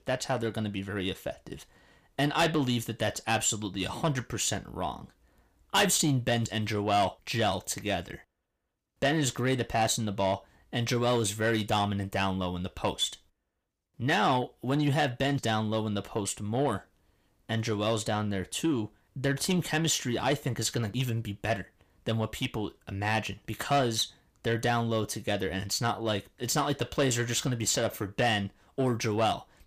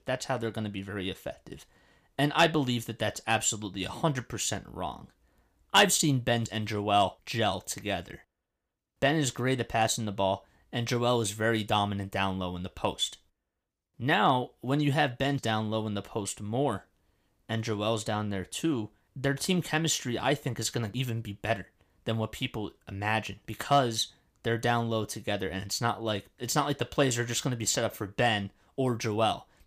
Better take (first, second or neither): second